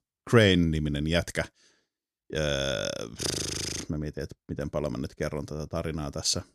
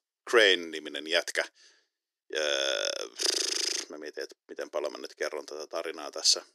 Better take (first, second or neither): first